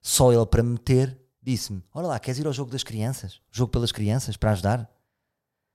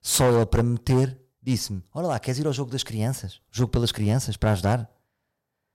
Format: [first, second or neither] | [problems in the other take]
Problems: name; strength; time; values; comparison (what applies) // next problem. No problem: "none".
first | distortion; slight; 5% of the sound clipped